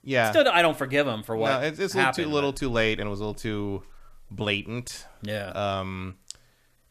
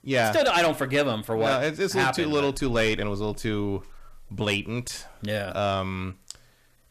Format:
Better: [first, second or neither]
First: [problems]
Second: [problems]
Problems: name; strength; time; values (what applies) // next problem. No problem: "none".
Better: first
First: none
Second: distortion; slight; 10 dB below the speech